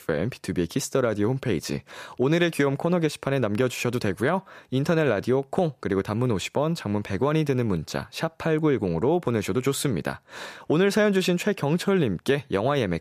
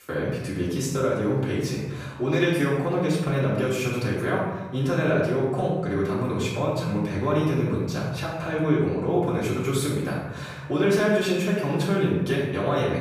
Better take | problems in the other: first | off-mic speech; far // room echo; noticeable; dies away in 1.1 s

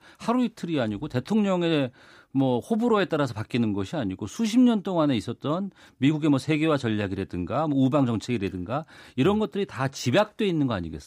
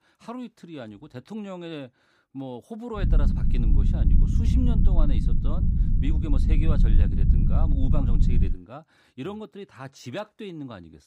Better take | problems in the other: first | low rumble; loud; from 3 to 8.5 s; as loud as the speech

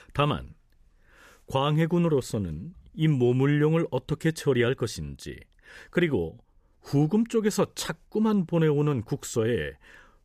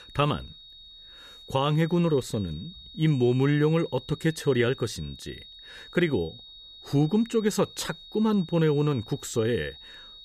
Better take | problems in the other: first | high-pitched whine; noticeable; throughout; 4 kHz, 20 dB below the speech

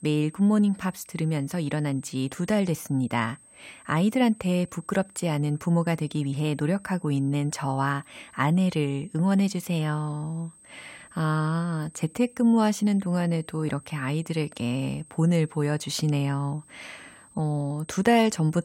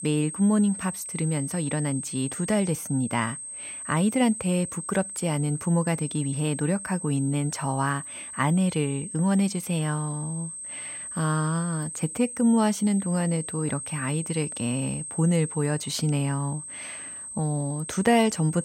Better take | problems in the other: first | high-pitched whine; loud; throughout; 8.5 kHz, 8 dB below the speech; faint in the first

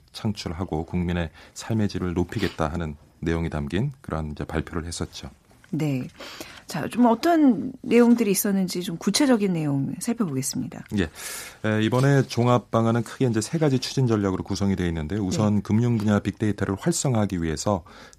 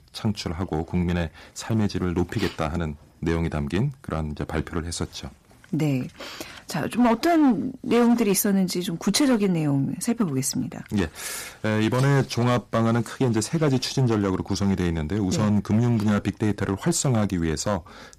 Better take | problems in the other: first | distortion; slight; 5% of the sound clipped

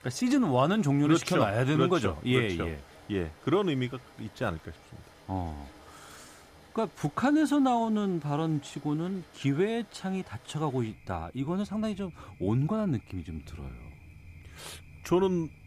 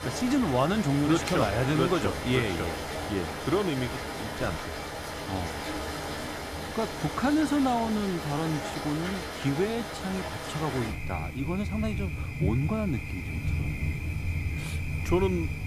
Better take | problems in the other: first | rain or running water; loud; throughout; 4 dB below the speech; faint in the first

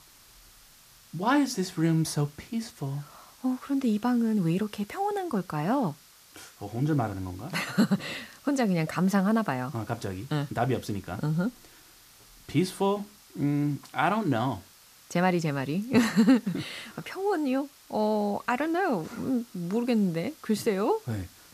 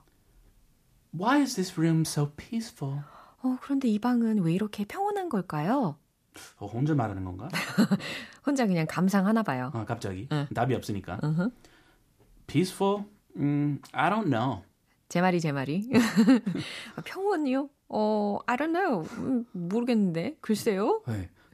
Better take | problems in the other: second | hiss; faint; throughout; 25 dB below the speech

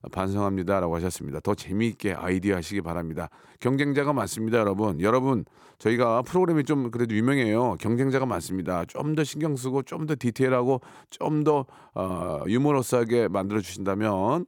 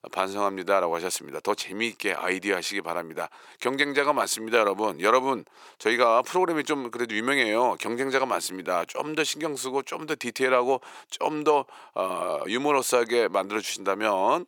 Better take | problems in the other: first | thin; somewhat; fading below 500 Hz

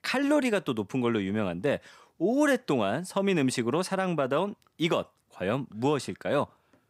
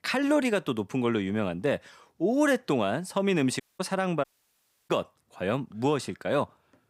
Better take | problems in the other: first | audio cutting out; at 3.5 s and at 4 s for 0.5 s

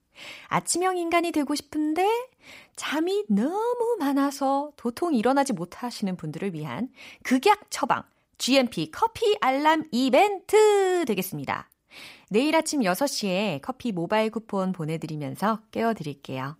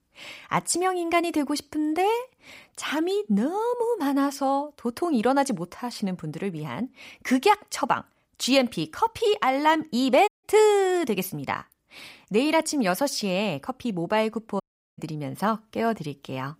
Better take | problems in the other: first | audio cutting out; at 10 s and at 15 s

